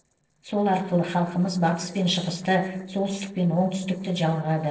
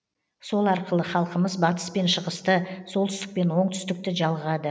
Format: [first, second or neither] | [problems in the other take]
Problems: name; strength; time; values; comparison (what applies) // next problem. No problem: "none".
second | noise reduction (neural separator model SepFormer DNS4)